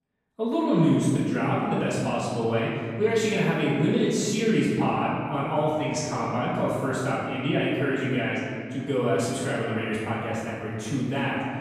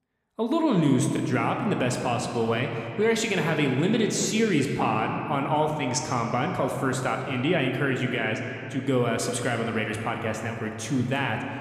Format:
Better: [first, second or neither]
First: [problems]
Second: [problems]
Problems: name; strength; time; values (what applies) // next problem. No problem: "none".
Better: second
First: room echo; strong; dies away in 2 s // off-mic speech; far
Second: room echo; slight; dies away in 2.4 s